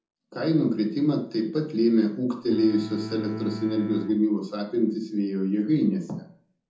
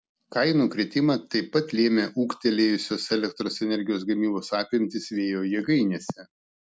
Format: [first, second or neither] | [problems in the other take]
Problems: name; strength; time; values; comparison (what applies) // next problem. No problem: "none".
second | background sound (Bowed string instrument); 12 dB below the speech // room echo; dies away in 0.6 s